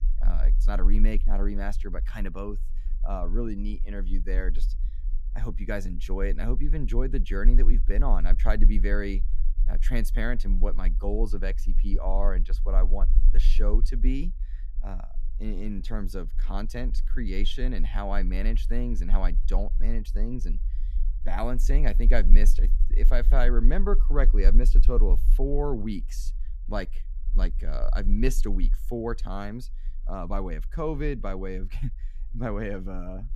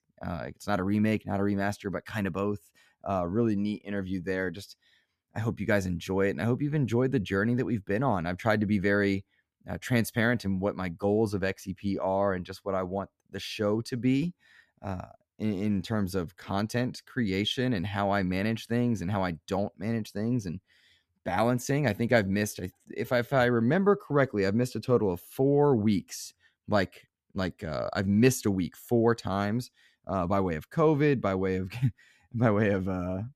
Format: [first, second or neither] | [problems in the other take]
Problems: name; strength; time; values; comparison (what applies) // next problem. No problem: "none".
second | low rumble; noticeable; throughout; 20 dB below the speech